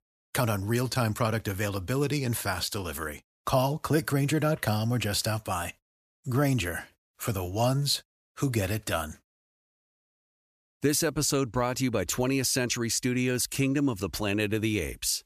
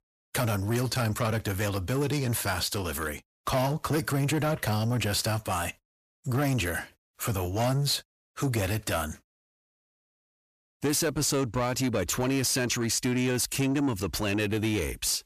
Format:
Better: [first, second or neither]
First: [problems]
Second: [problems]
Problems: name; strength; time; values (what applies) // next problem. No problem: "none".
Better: first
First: none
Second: distortion; slight; 10 dB below the speech